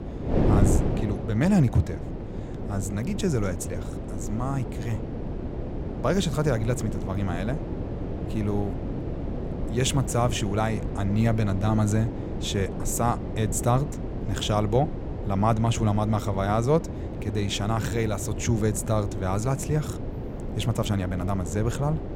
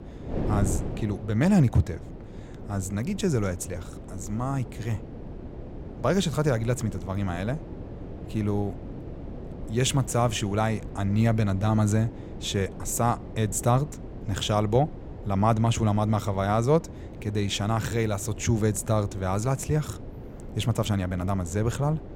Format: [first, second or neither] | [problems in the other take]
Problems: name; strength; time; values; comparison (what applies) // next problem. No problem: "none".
second | wind noise on the microphone; heavy; 8 dB below the speech; occasional gusts in the second